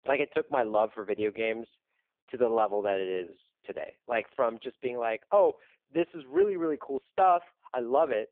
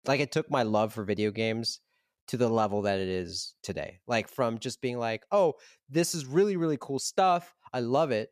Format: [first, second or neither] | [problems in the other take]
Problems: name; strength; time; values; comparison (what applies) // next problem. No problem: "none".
second | phone-call audio; poor line